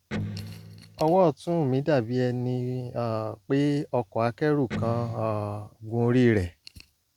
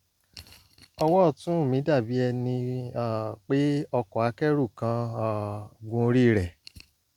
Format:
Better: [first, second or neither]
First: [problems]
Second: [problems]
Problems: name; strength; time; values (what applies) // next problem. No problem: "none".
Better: second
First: background sound (Electric guitar); 9 dB below the speech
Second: none